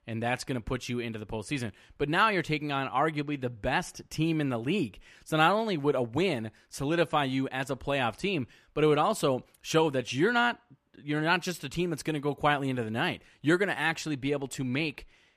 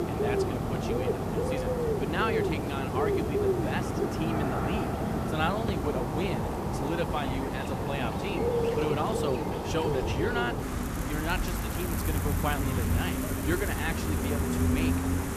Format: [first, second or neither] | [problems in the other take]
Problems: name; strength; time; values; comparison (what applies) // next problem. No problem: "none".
first | animal sounds; very loud; throughout; 4 dB above the speech